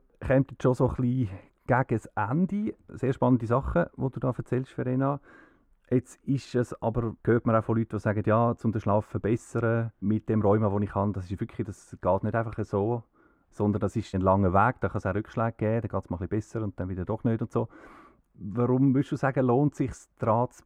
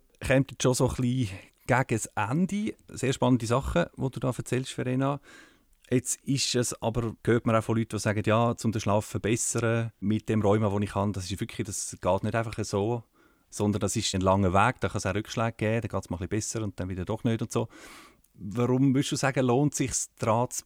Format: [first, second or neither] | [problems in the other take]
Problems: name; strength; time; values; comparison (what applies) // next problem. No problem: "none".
second | muffled; very; fading above 2 kHz